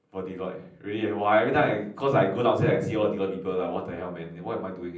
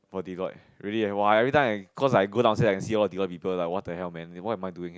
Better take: second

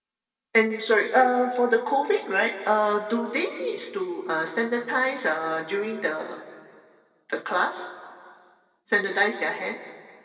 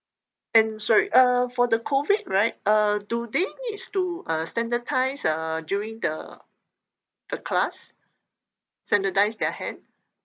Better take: second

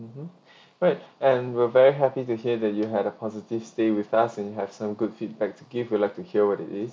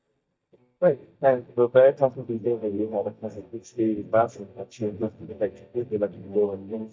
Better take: first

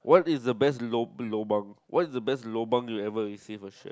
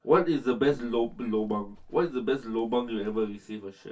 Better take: first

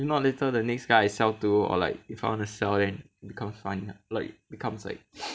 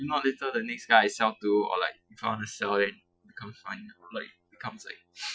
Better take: first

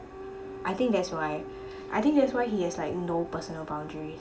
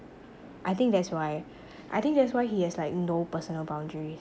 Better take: second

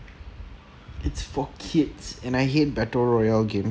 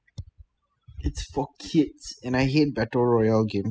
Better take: first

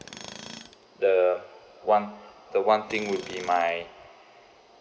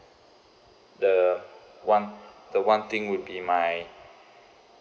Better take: second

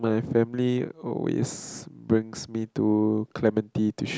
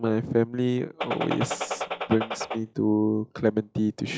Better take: first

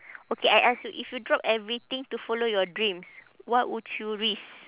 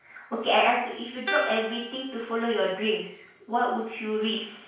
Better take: first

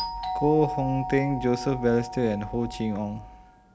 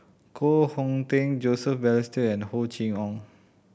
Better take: second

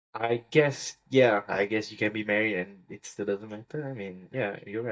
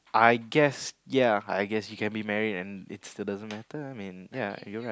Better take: second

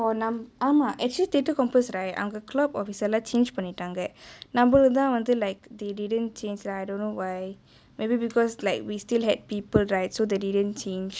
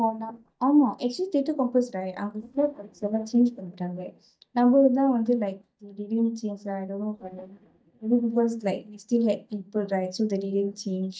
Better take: first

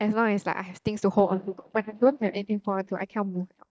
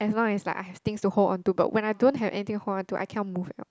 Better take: second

